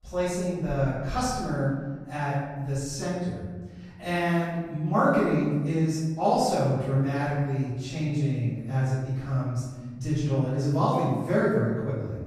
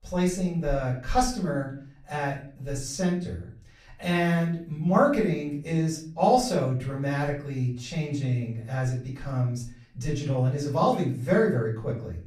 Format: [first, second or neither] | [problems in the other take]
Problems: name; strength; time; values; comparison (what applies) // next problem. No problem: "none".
second | room echo; strong; dies away in 1.3 s; slight in the second // off-mic speech; far; far in the second